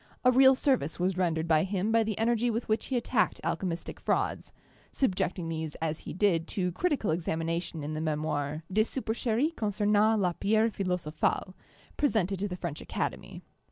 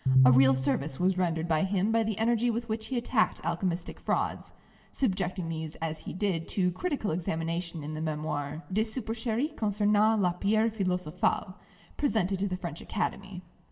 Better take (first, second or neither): first